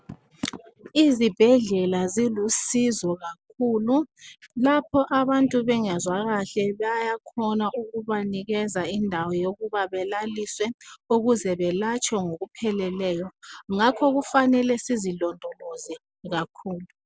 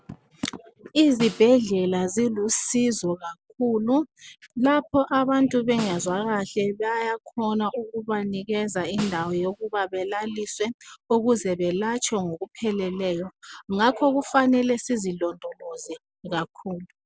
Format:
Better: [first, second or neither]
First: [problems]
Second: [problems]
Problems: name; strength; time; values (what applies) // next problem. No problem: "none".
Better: first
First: none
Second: background sound (Snare drum); 17 dB below the speech